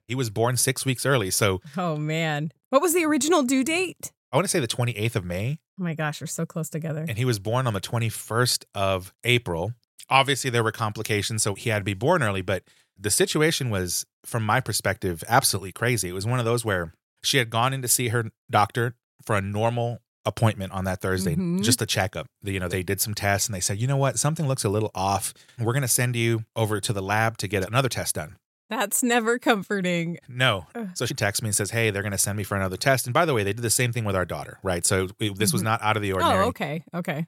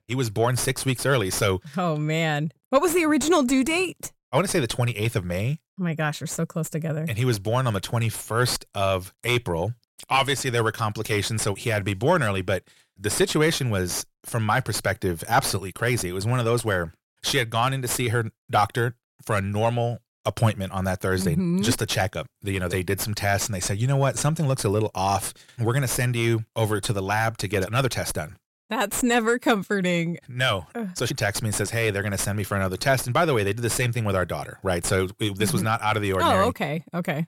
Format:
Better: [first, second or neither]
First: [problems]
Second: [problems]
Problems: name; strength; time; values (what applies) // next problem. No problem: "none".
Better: first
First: none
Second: distortion; slight; 10 dB below the speech